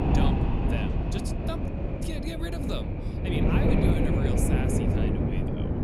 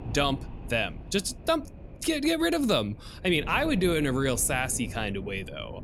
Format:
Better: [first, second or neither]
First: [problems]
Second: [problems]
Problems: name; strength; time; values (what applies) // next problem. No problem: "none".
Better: second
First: wind noise on the microphone; heavy; 5 dB above the speech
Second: wind noise on the microphone; occasional gusts; 20 dB below the speech